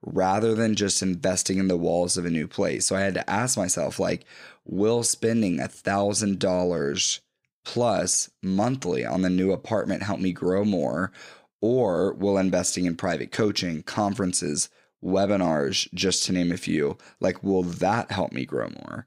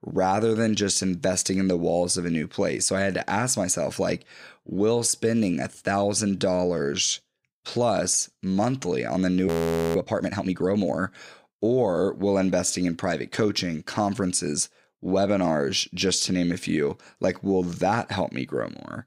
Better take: first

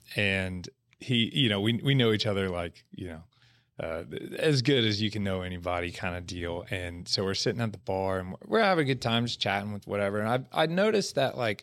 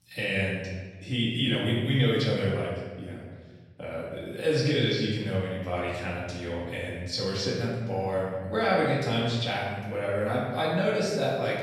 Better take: first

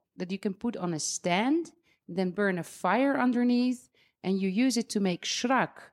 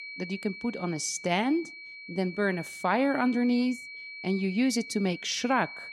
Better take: first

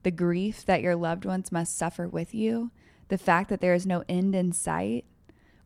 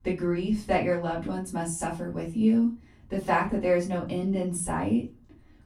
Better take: first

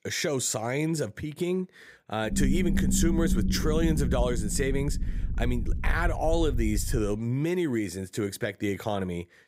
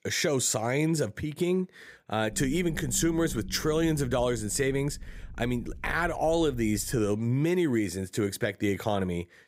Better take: second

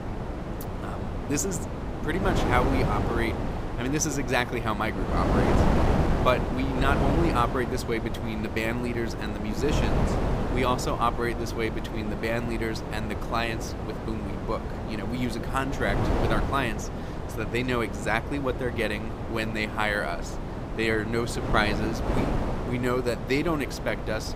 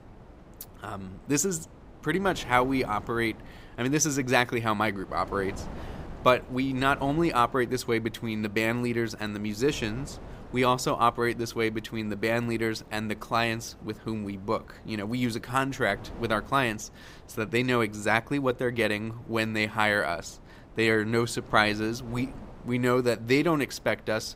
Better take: second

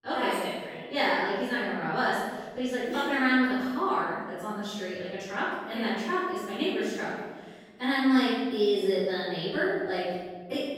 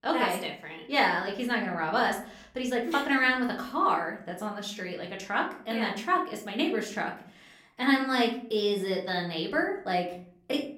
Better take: second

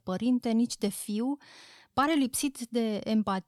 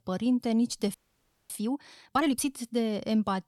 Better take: first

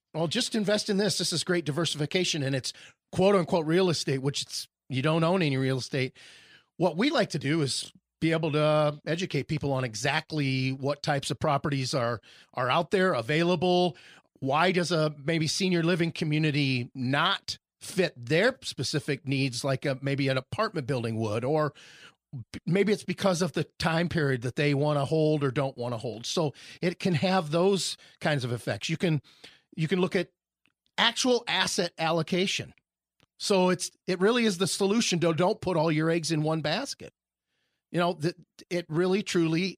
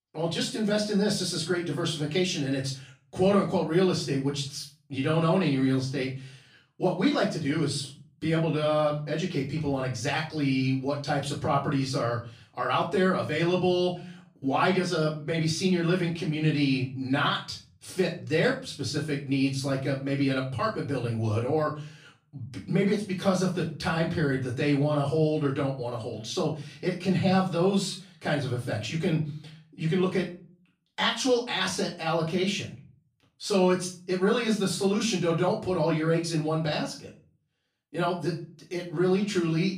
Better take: first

